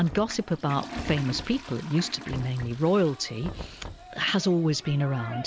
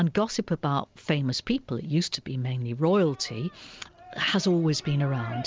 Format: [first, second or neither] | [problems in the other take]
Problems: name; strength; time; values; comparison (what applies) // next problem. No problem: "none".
second | background sound (Knock + Toilet flush); 13 dB below the speech